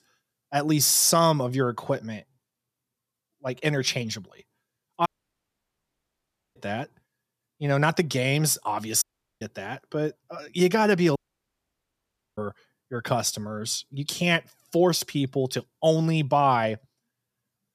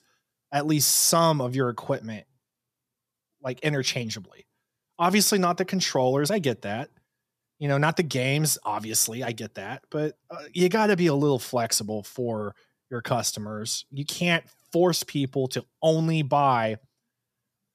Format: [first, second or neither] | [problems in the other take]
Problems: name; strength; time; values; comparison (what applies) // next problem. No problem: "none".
second | audio cutting out; at 5 s for 1.5 s, at 9 s and at 11 s for 1 s